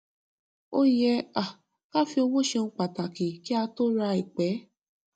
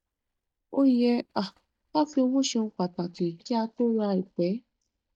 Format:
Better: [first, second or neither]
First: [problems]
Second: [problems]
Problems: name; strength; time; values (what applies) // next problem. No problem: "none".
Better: first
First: none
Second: noise reduction (neural mask model DeepFilterNet 3)